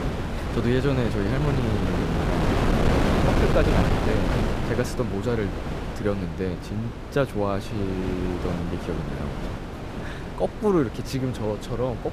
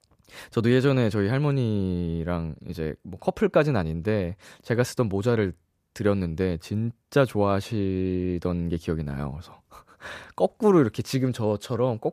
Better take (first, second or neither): second